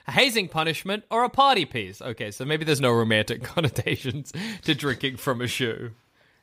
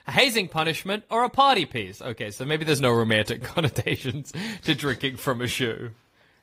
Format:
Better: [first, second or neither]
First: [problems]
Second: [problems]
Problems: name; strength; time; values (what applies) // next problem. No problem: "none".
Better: first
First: none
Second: garbled, watery; slightly; nothing above 15.5 kHz